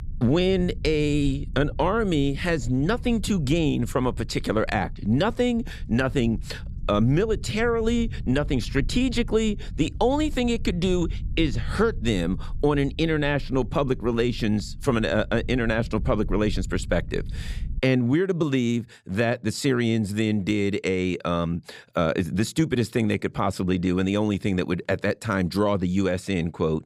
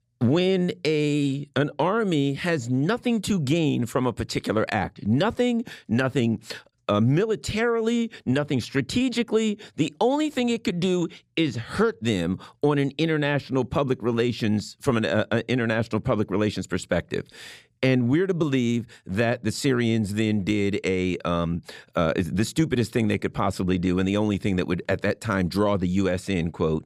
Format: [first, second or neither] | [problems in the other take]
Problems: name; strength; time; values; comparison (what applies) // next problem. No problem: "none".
second | low rumble; faint; until 18 s; 25 dB below the speech